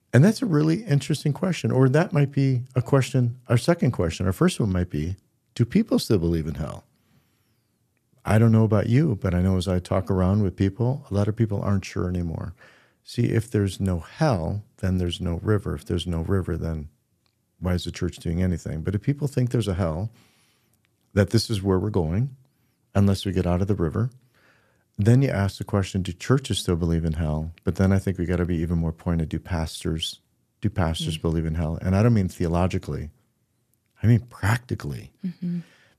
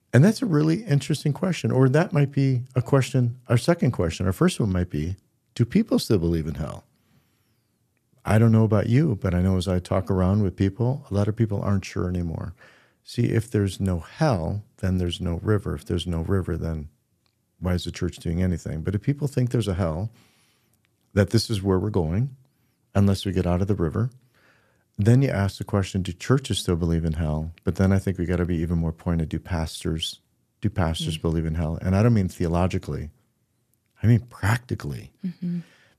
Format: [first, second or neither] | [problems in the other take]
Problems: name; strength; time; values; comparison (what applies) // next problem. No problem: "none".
neither | none